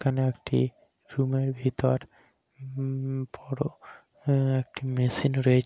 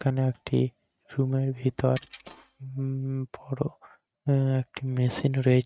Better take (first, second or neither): first